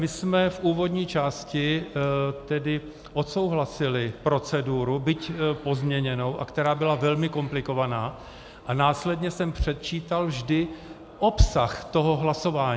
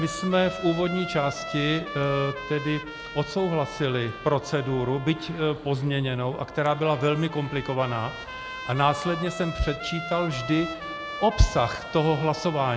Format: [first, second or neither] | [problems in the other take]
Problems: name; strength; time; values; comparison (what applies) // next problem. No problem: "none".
first | background sound (Trumpet); 11 dB below the speech